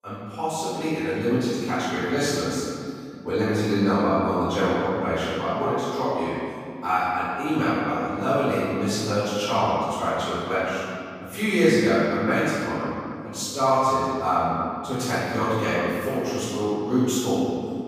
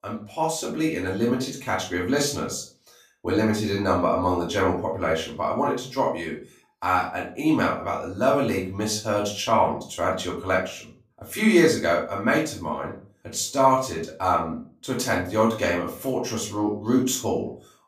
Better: second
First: room echo; strong; dies away in 2.3 s // off-mic speech; far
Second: room echo; slight; dies away in 0.3 s // off-mic speech; far

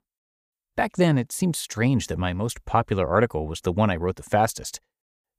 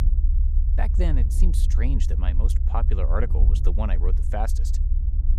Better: first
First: none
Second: low rumble; loud; throughout; 8 dB below the speech

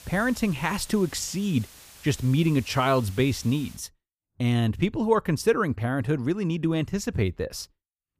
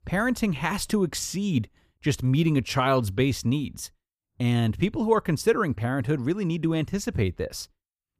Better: second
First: hiss; faint; until 4 s; 20 dB below the speech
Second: none

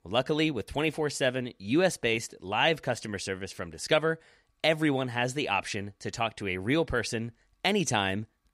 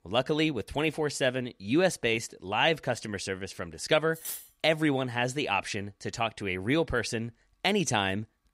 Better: first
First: none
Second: clattering dishes; noticeable; at 4 s; peak 8 dB below the speech

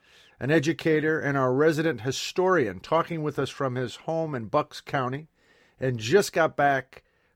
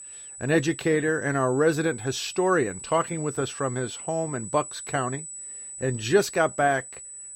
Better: first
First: none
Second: high-pitched whine; noticeable; throughout; 8 kHz, 10 dB below the speech

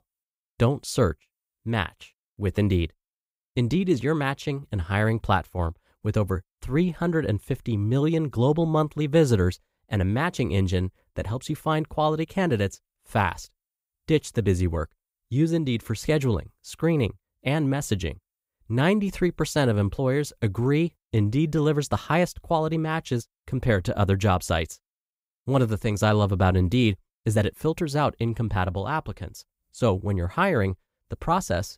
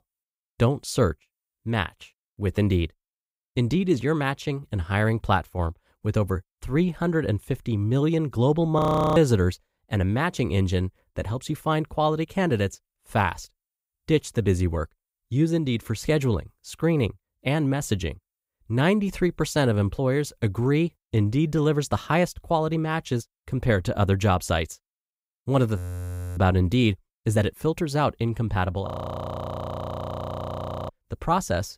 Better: first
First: none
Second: audio freezing; at 9 s, at 26 s for 0.5 s and at 29 s for 2 s

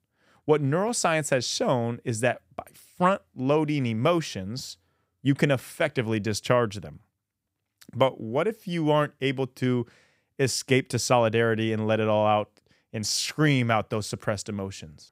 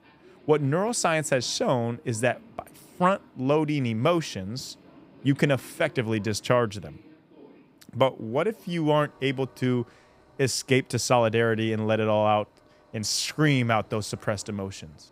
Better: first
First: none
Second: train or aircraft noise; faint; throughout; 30 dB below the speech

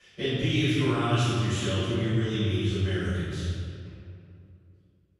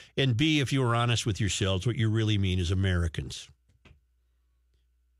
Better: second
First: room echo; strong; dies away in 2 s // off-mic speech; far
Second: none

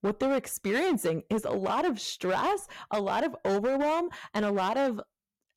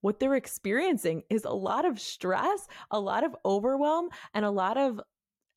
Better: second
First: distortion; slight; 13% of the sound clipped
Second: none

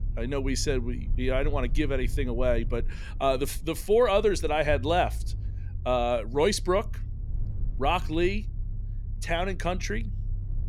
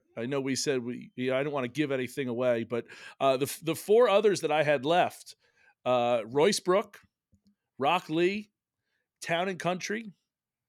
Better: second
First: low rumble; faint; throughout; 25 dB below the speech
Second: none

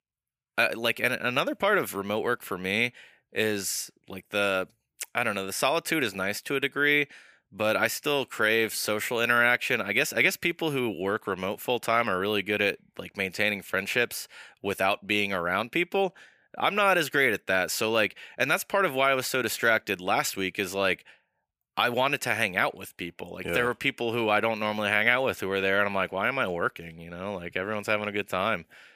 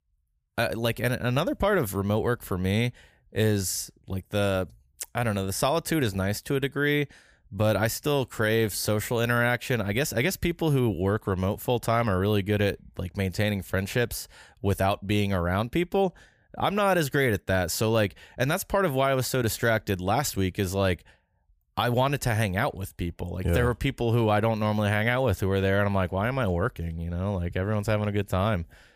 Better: second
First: thin; somewhat; fading below 250 Hz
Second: none

